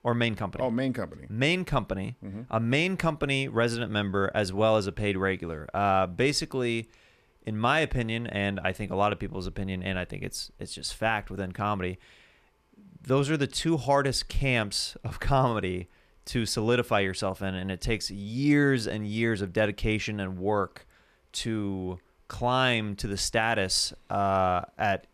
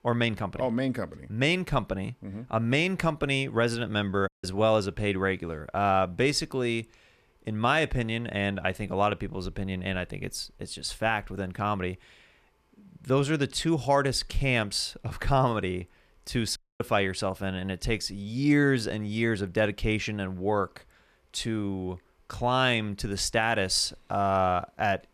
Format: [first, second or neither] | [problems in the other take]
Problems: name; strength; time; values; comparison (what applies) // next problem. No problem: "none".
first | audio cutting out; at 4.5 s and at 17 s